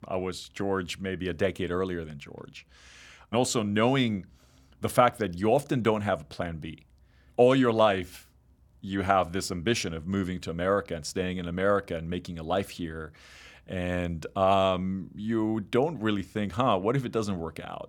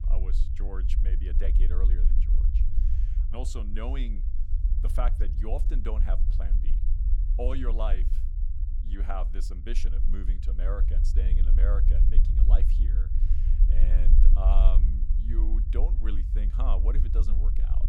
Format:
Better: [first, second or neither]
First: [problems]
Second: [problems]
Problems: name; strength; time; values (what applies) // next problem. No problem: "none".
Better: first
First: none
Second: low rumble; loud; throughout; 8 dB below the speech